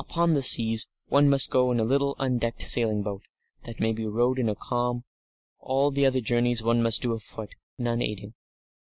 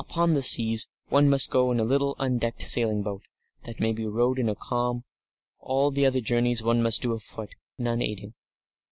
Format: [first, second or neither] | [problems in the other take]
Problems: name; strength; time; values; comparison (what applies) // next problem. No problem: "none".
second | noise reduction (neural mask model Resemble Enhance denoiser)